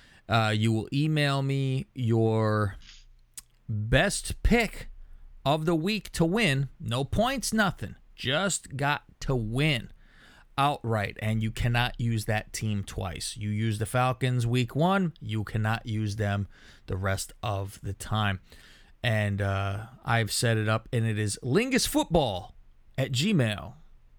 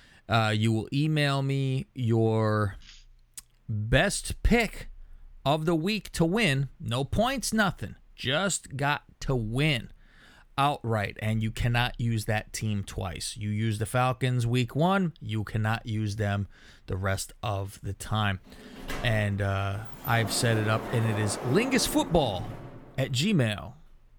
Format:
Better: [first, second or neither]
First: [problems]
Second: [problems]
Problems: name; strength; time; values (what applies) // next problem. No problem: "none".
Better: first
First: none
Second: door banging; noticeable; from 19 to 23 s; peak 7 dB below the speech